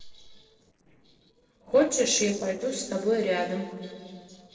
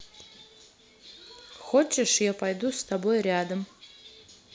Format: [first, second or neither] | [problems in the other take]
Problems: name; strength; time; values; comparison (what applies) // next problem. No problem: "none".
second | noise reduction (neural separator model SepFormer DNS4)